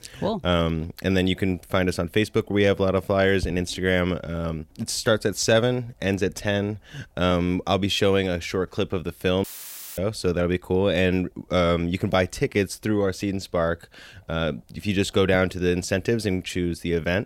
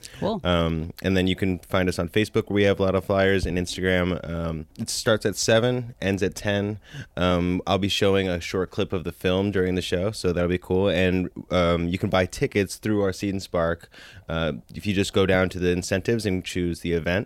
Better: second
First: audio cutting out; filled with static; at 9.5 s for 0.5 s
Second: none

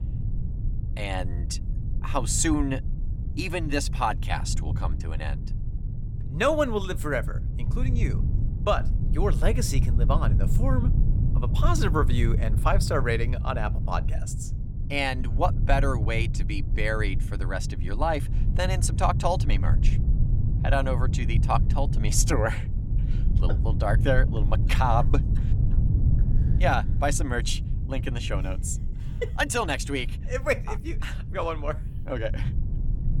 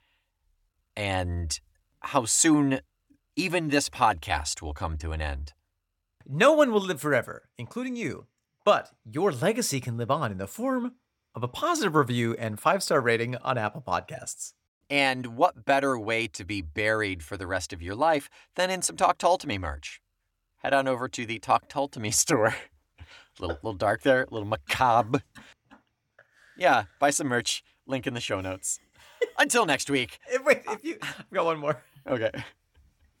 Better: second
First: low rumble; noticeable; throughout; 15 dB below the speech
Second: none

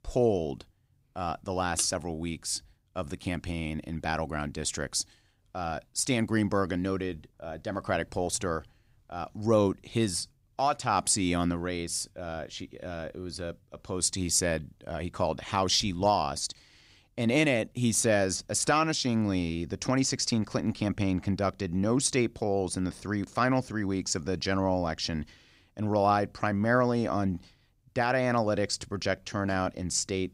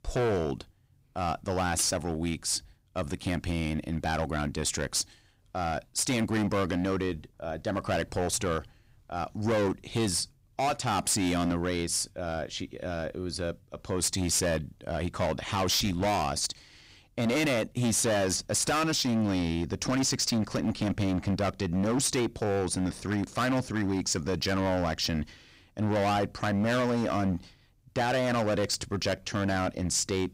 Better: first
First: none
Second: distortion; heavy; 15% of the sound clipped

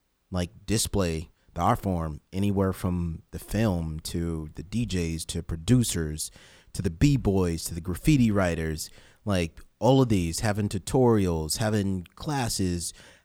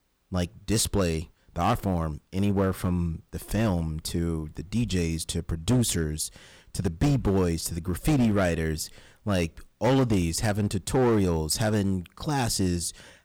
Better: first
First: none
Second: distortion; slight; 6% of the sound clipped

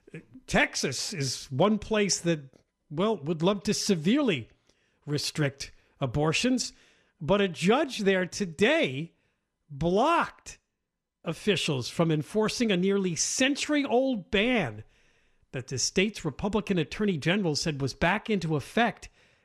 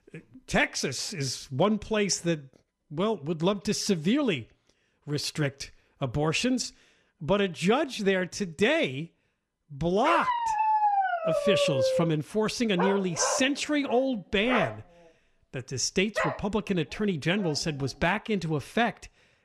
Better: first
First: none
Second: dog barking; loud; from 10 to 18 s; peak 4 dB above the speech

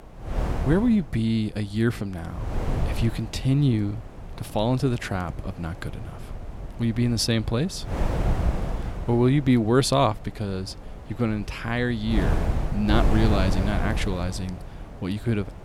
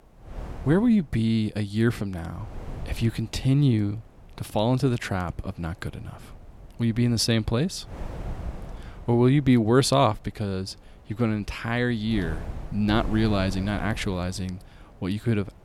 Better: second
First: wind noise on the microphone; heavy; 9 dB below the speech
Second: wind noise on the microphone; occasional gusts; 20 dB below the speech

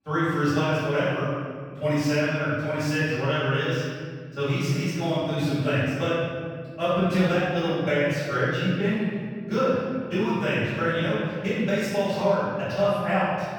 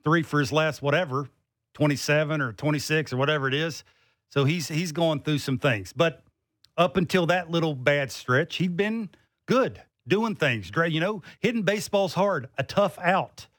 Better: second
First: off-mic speech; far // room echo; strong; dies away in 1.9 s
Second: none

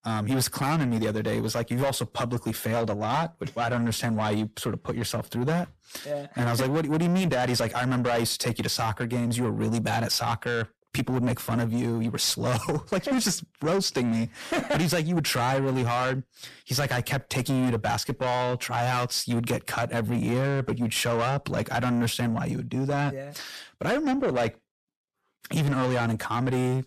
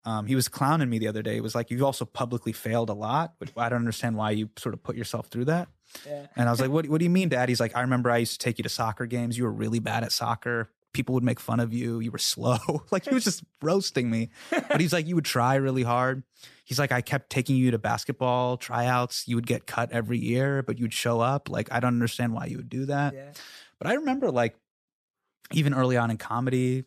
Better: second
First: distortion; heavy; 7 dB below the speech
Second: none

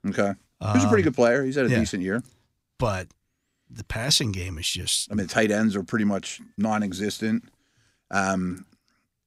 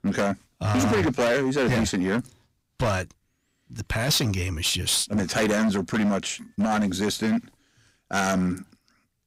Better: first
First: none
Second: distortion; heavy; 15% of the sound clipped

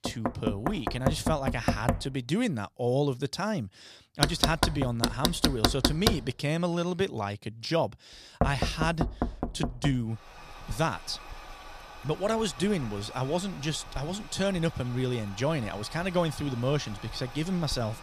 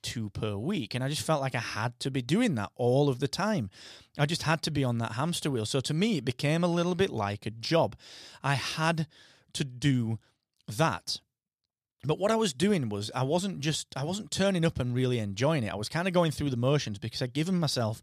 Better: second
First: household noises; loud; throughout; 1 dB below the speech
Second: none

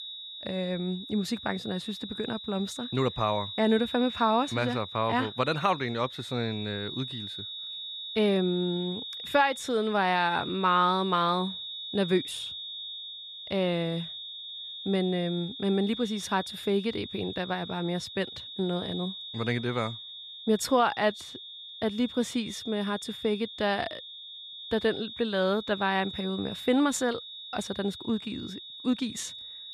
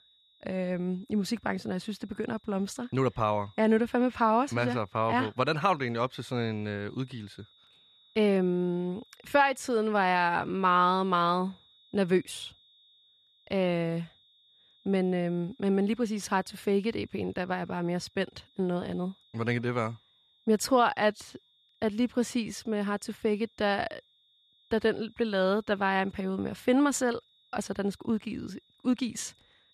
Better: second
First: high-pitched whine; loud; throughout; 3.5 kHz, 9 dB below the speech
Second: high-pitched whine; faint; throughout; 3.5 kHz, 30 dB below the speech

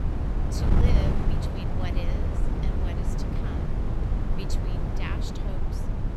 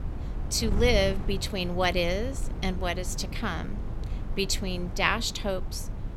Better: second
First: wind noise on the microphone; heavy; 4 dB above the speech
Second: wind noise on the microphone; occasional gusts; 15 dB below the speech

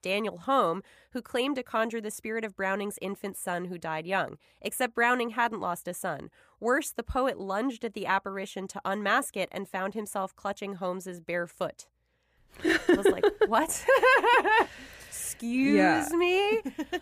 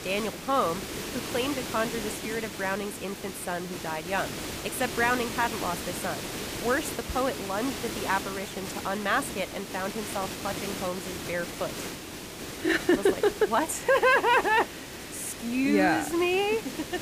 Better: first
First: none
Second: hiss; loud; throughout; 7 dB below the speech

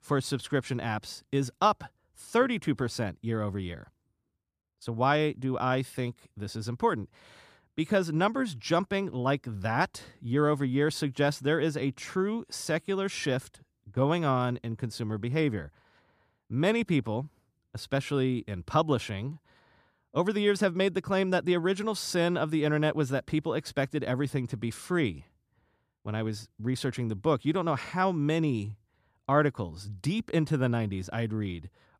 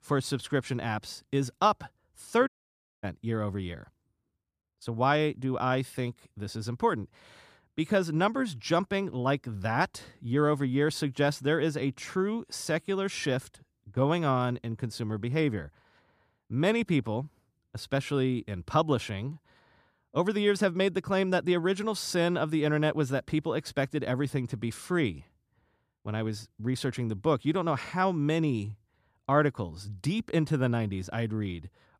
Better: first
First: none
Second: audio cutting out; at 2.5 s for 0.5 s

